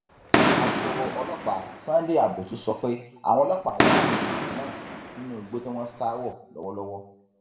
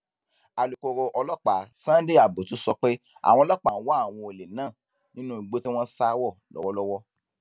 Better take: second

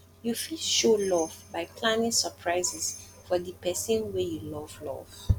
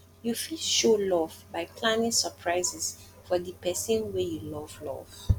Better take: second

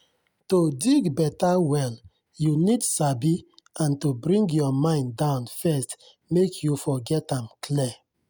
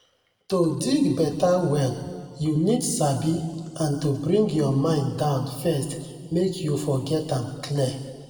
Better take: first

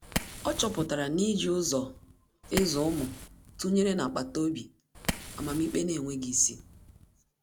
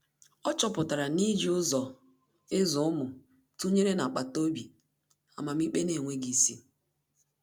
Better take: second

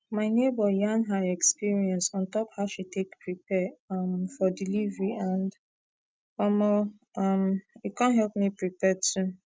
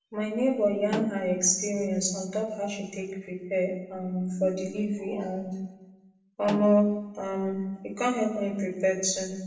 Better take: first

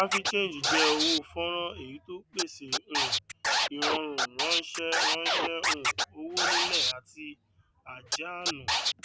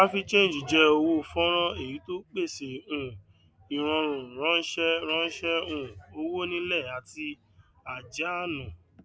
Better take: second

